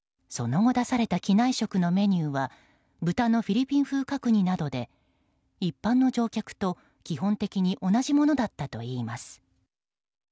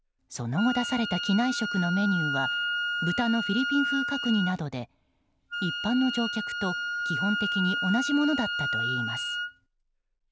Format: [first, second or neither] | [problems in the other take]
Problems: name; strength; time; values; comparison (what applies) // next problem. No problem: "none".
first | background sound (Wind instrument, woodwind instrument); 2 dB below the speech